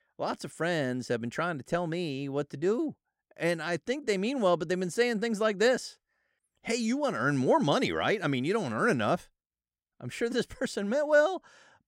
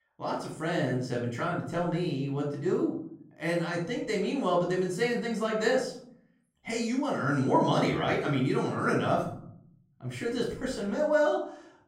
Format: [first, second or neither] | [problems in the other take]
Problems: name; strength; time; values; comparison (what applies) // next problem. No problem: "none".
first | off-mic speech; far // room echo; noticeable; dies away in 0.6 s